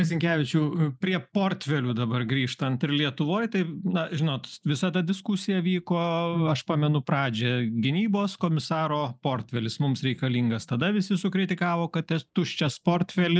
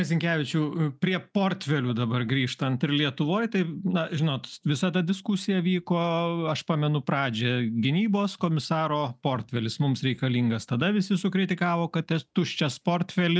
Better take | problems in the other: second | noise reduction (neural mask model Resemble Enhance denoiser)

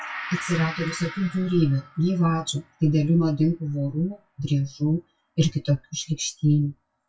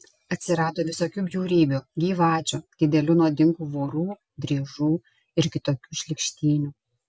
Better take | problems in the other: second | noise reduction (classical method WPE with log-MMSE)

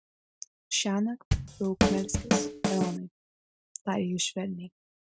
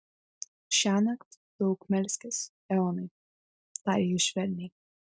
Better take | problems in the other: second | background sound (Drum / Drum kit); 5 dB above the speech

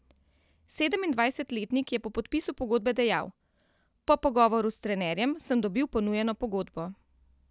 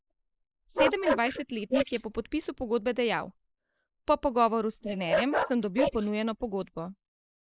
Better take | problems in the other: first | noise reduction (neural mask model Resemble Enhance denoiser)

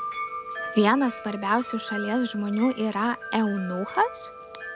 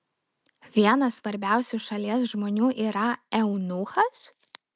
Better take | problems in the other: second | background sound (Wind chime); 10 dB below the speech

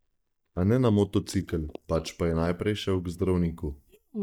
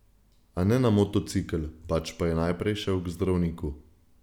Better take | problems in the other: second | noise reduction (neural mask model DeepFilterNet 3)

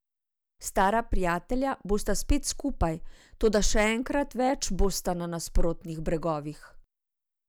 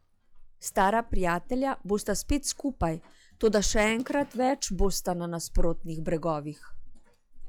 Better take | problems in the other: first | noise reduction (classical method log-MMSE)

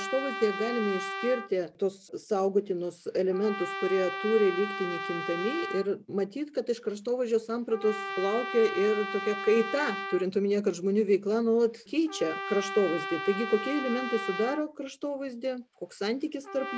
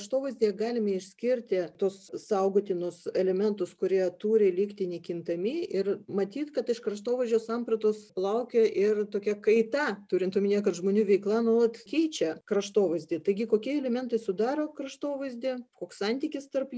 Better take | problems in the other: second | background sound (Trumpet); 9 dB below the speech

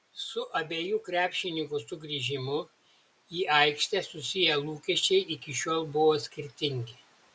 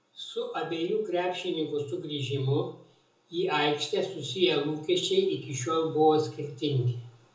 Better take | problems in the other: first | room echo; dies away in 0.6 s

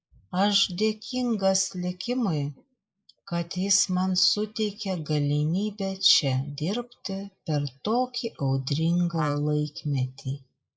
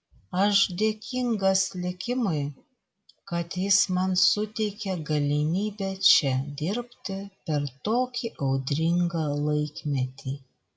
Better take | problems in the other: second | noise reduction (neural mask model Resemble Enhance denoiser)

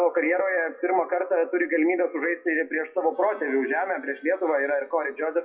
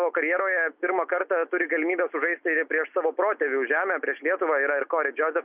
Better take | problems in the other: second | noise reduction (classical method WPE with log-MMSE)

